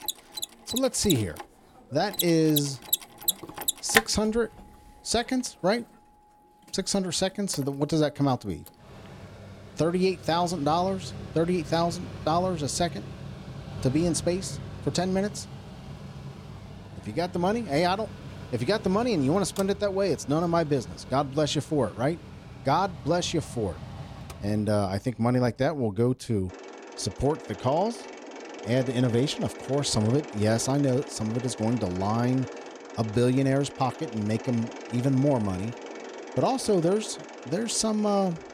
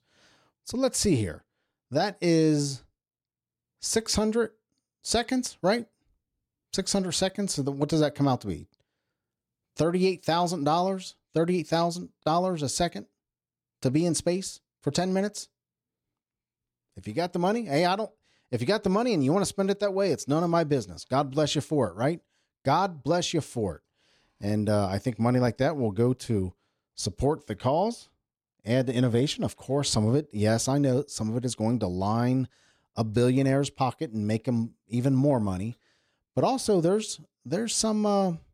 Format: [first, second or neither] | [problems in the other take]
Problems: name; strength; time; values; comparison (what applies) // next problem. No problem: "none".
second | machinery noise; loud; throughout; 10 dB below the speech